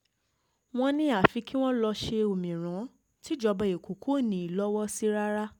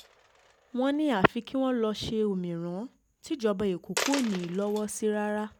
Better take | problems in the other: first | background sound (Coin (dropping)); 13 dB below the speech

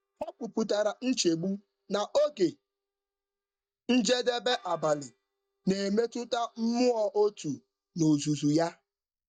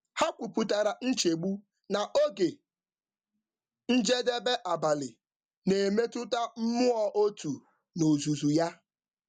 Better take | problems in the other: second | noise reduction (neural mask model DeepFilterNet 3)

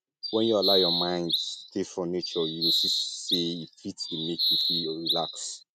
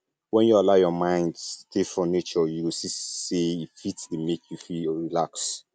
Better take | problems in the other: second | noise reduction (neural mask model RNNoise)

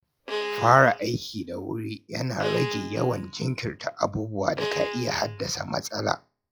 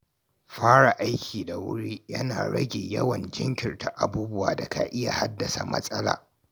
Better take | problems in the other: second | noise reduction (classical method log-MMSE)

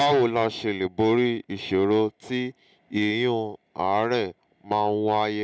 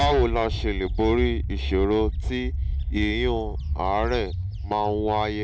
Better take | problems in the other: first | background sound (Bird); 2 dB below the speech

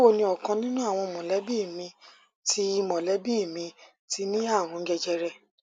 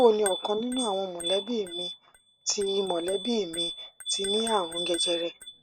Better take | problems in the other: first | noise reduction (neural mask model RNNoise)

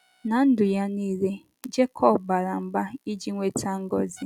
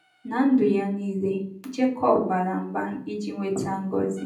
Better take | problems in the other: first | room echo; dies away in 0.6 s

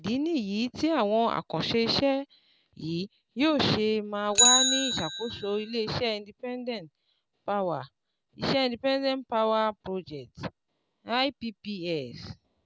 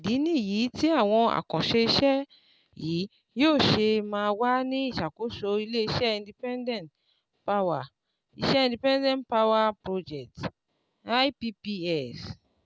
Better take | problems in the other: second | background sound (Bicycle); 5 dB below the speech

